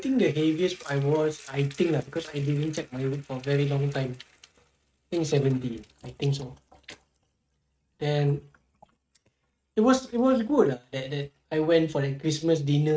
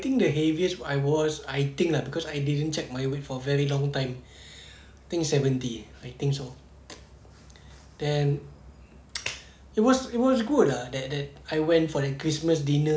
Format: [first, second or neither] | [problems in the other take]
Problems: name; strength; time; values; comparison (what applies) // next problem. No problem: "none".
second | noise reduction (neural mask model RNNoise)